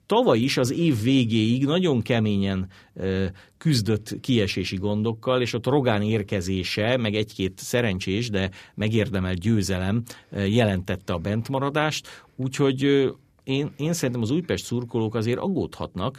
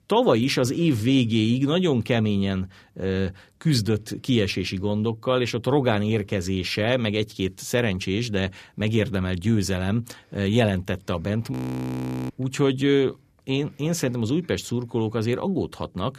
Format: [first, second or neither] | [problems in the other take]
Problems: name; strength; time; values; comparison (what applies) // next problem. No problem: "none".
first | audio freezing; at 12 s for 1 s